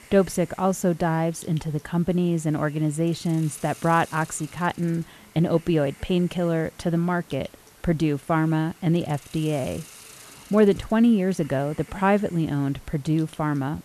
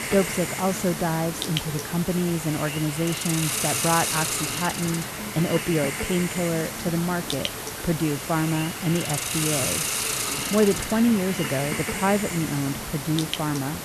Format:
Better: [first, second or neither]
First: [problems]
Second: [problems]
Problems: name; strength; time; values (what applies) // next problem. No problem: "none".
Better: first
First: hiss; faint; throughout; 20 dB below the speech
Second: hiss; loud; throughout; 2 dB below the speech